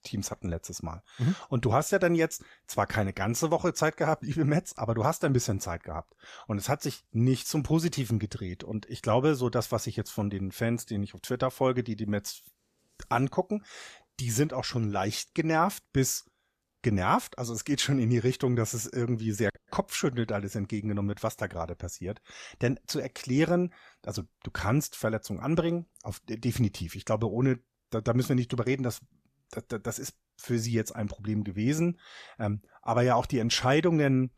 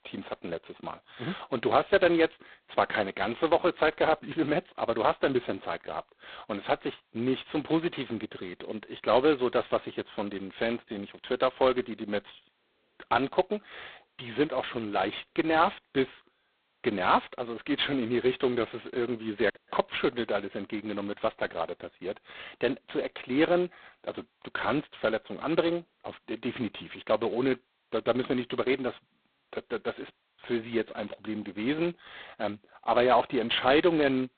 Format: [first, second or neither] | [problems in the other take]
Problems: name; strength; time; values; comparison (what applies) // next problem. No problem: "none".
first | phone-call audio; poor line; nothing above 4 kHz